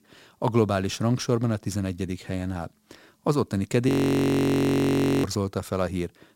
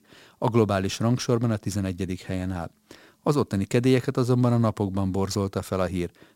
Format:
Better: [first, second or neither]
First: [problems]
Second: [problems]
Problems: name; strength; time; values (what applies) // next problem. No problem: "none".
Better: second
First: audio freezing; at 4 s for 1.5 s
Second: none